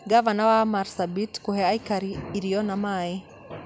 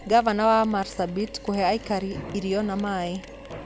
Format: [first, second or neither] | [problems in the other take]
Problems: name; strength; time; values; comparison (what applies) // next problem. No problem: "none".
first | background sound (Mechanisms); 18 dB below the speech